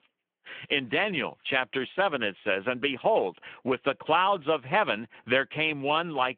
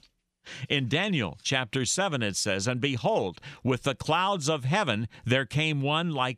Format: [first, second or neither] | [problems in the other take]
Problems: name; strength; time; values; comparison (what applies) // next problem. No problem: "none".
second | phone-call audio; nothing above 3.5 kHz